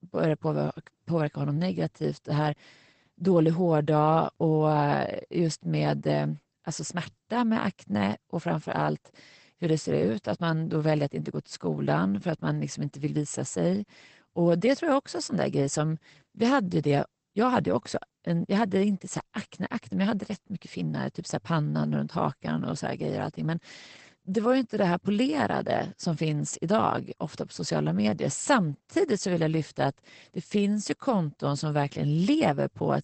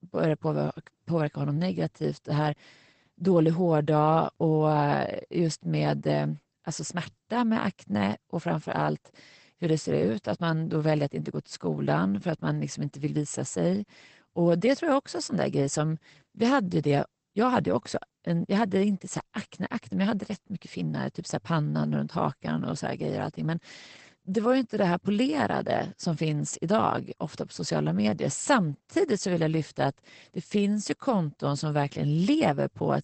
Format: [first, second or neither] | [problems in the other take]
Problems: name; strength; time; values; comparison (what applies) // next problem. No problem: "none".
neither | garbled, watery; badly; nothing above 8 kHz; the same in both